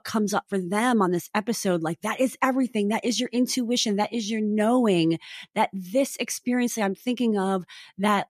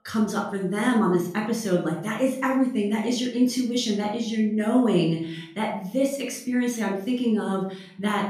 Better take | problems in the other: first | off-mic speech; somewhat distant // room echo; noticeable; dies away in 0.5 s

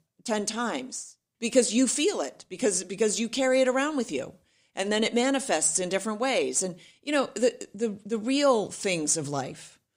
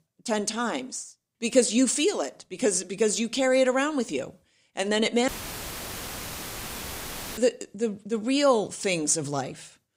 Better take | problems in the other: first | audio cutting out; filled with static; at 5.5 s for 2 s

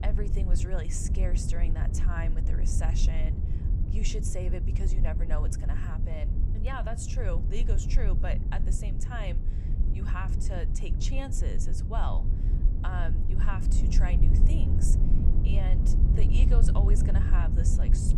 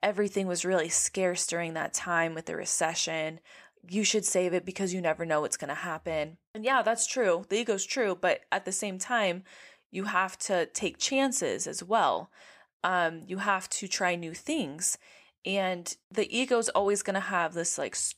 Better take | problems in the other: second | low rumble; loud; throughout; 4 dB below the speech

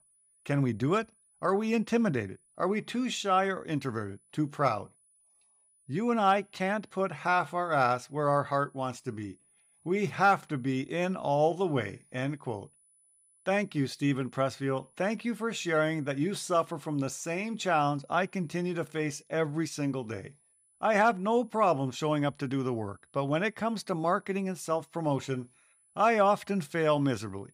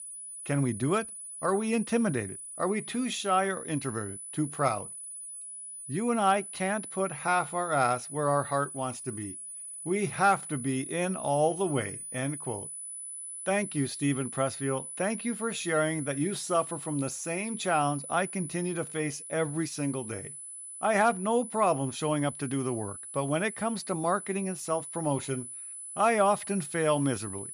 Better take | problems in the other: first | high-pitched whine; loud; throughout; 10 kHz, 9 dB below the speech; faint in the first

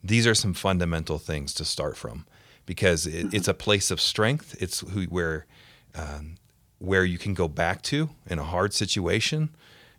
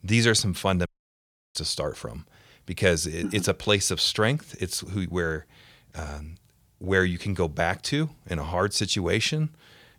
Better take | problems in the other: first | audio cutting out; at 1 s for 0.5 s

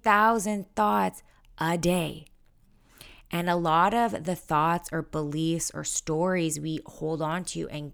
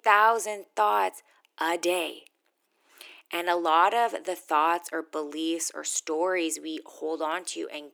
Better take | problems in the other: first | thin; very; fading below 350 Hz

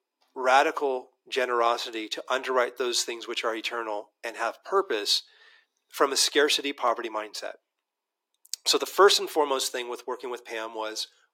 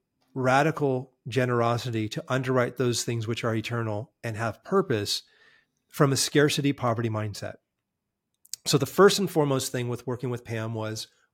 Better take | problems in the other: second | thin; very; fading below 350 Hz

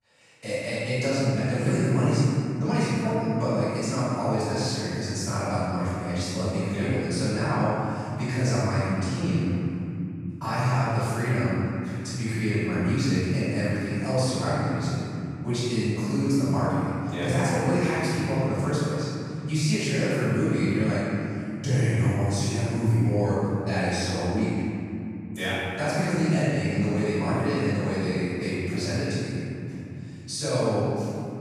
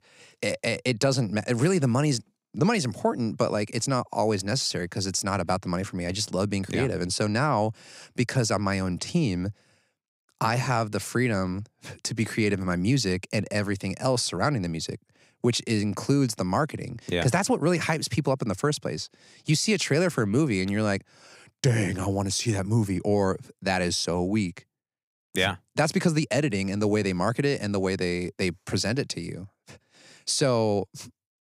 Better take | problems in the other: second | off-mic speech; far // room echo; strong; dies away in 3 s

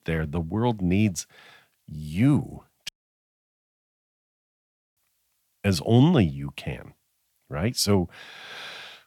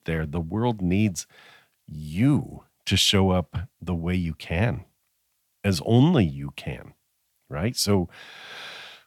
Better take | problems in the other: second | audio cutting out; at 3 s for 2 s

